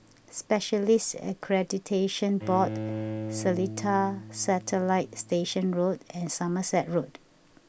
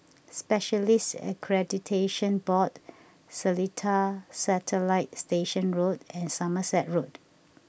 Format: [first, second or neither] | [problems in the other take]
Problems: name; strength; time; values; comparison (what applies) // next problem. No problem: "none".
second | background sound (Bowed string instrument); 12 dB below the speech